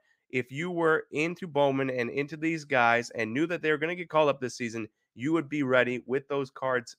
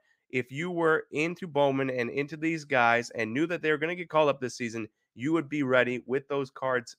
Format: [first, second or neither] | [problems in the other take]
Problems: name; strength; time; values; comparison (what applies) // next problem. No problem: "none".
neither | none